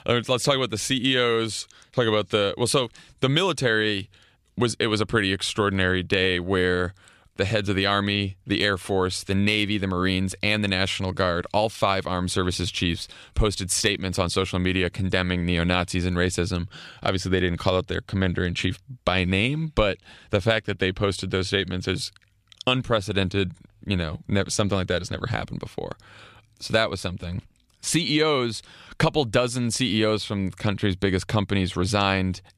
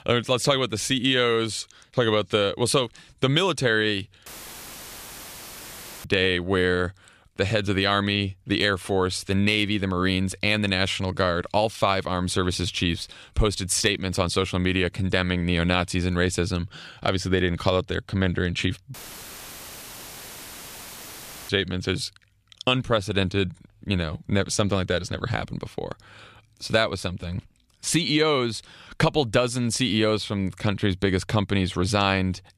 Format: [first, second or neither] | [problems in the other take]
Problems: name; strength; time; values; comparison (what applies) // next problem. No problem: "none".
first | audio cutting out; filled with static; at 4.5 s for 2 s and at 19 s for 2.5 s